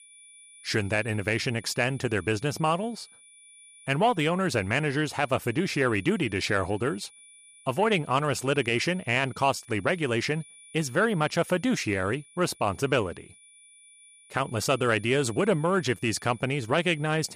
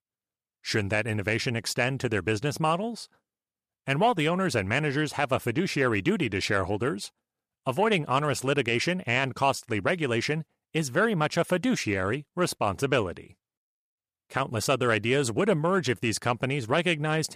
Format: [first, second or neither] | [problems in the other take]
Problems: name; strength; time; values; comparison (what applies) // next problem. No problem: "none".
second | high-pitched whine; faint; throughout; 9.5 kHz, 25 dB below the speech